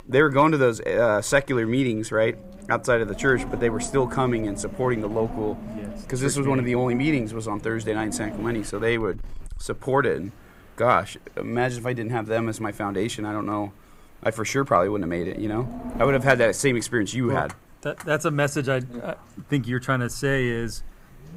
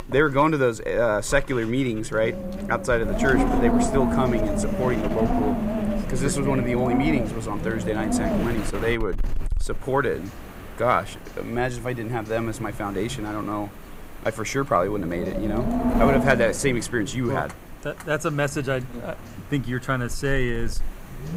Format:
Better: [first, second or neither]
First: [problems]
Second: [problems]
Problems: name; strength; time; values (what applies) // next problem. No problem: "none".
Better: first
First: wind noise on the microphone; occasional gusts; 15 dB below the speech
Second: wind noise on the microphone; heavy; 4 dB below the speech